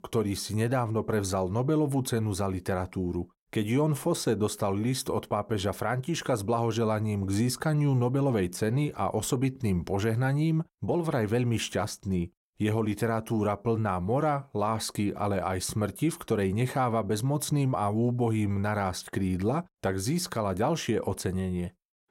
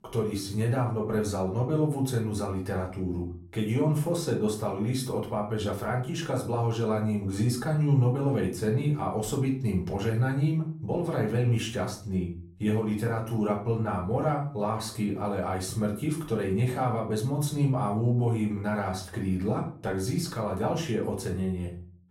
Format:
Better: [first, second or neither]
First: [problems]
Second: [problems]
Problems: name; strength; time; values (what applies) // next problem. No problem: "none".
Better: first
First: none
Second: off-mic speech; far // room echo; slight; dies away in 0.4 s